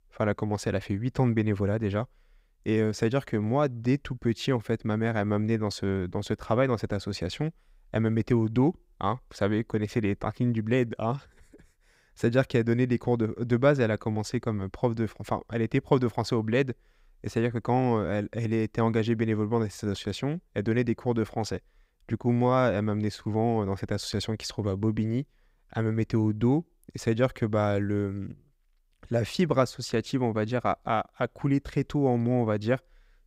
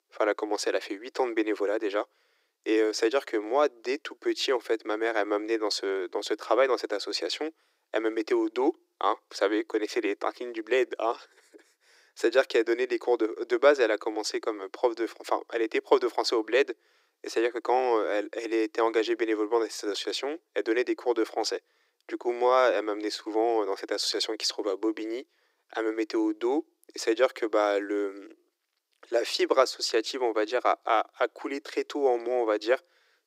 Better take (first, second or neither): first